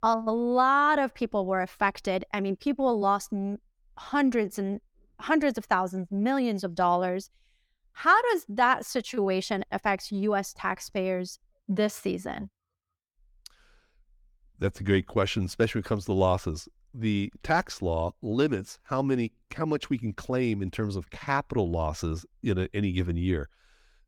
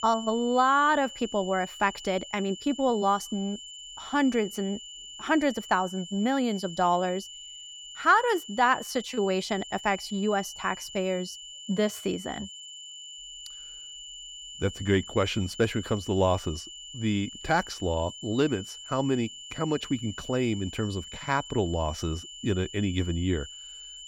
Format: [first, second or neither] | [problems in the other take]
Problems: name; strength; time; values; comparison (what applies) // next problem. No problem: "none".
first | high-pitched whine; noticeable; throughout; 3 kHz, 15 dB below the speech